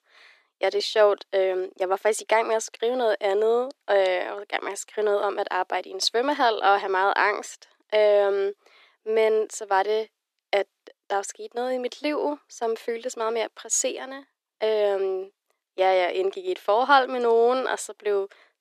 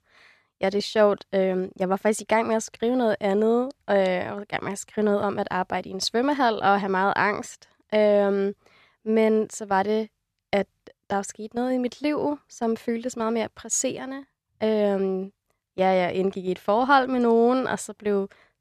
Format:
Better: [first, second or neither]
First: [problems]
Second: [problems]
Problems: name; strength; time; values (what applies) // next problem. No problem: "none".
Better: second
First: thin; somewhat; fading below 300 Hz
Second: none